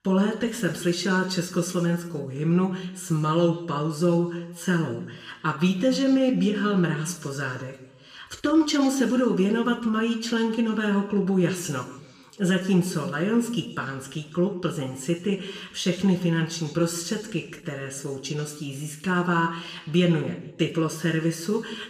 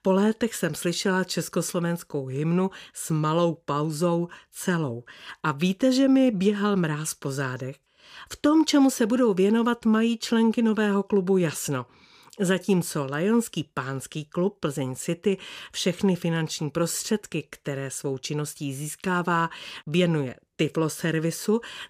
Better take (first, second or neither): second